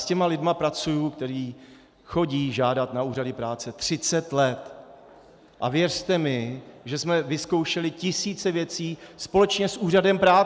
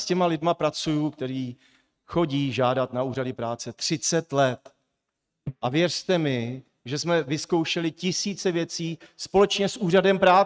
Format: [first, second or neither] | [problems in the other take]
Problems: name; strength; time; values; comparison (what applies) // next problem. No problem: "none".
first | noise reduction (neural mask model RNNoise)